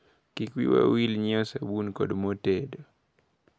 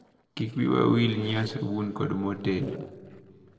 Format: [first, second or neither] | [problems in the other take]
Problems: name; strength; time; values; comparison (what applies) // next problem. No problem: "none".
first | noise reduction (neural separator model SepFormer DNS4)